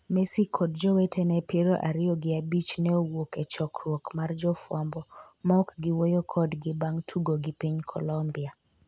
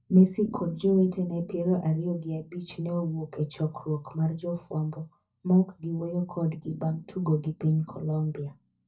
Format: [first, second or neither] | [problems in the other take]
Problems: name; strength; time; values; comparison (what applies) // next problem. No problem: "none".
first | noise reduction (neural mask model DeepFilterNet 3)